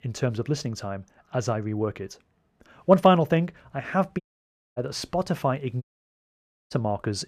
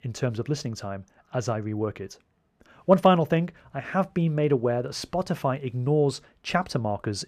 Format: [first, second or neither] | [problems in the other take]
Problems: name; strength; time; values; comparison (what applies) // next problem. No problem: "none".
second | audio cutting out; at 4 s for 0.5 s and at 6 s for 1 s